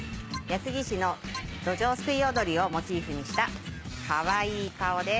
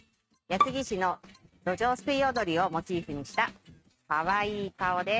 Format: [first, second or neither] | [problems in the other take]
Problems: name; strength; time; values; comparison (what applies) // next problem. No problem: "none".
first | noise reduction (neural mask model RNNoise)